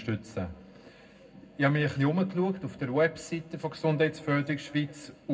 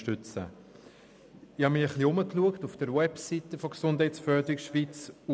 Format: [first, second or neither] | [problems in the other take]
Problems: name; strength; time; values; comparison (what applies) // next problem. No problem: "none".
second | room echo; dies away in 0.3 s